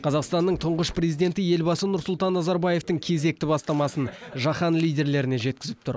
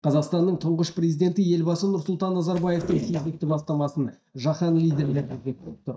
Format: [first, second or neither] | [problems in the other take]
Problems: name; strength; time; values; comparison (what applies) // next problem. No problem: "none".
first | noise reduction (neural mask model DeepFilterNet 3)